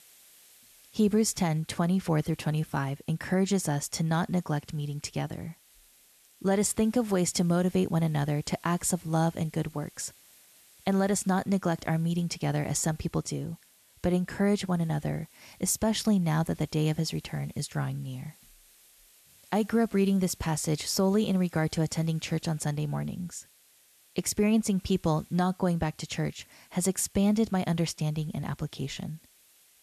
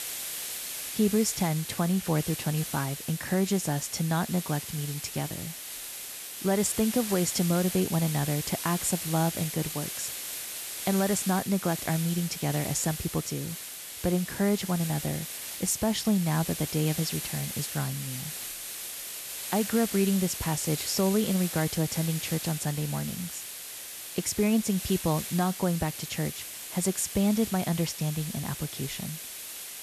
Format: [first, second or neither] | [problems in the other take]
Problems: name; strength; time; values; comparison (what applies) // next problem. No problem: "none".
first | hiss; loud; throughout; 6 dB below the speech; faint in the first